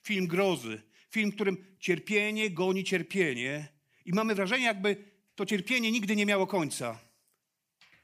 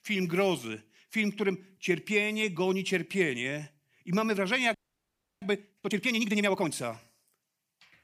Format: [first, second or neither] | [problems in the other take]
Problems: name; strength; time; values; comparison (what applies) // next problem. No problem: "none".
first | audio freezing; at 4.5 s for 0.5 s